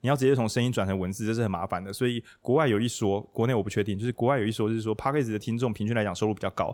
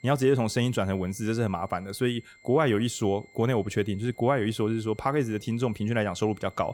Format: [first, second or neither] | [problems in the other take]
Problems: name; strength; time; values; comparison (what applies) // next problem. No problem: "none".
first | high-pitched whine; faint; throughout; 2 kHz, 25 dB below the speech